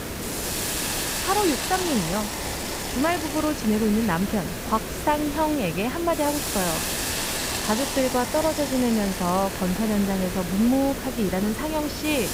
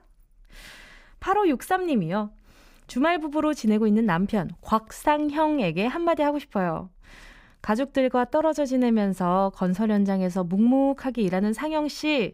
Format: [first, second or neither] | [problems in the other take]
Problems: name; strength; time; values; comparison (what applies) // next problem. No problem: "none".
second | hiss; loud; throughout; 3 dB below the speech